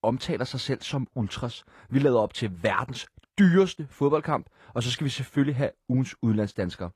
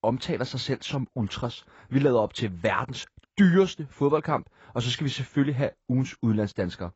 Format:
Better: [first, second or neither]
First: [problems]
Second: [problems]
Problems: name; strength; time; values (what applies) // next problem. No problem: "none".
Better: first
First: garbled, watery; slightly; nothing above 14.5 kHz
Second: garbled, watery; badly; nothing above 7.5 kHz